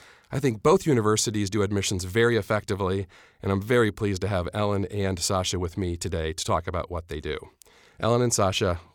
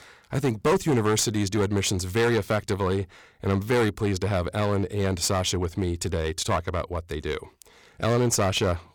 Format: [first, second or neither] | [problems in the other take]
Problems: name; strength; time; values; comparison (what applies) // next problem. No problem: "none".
first | distortion; slight; 8% of the sound clipped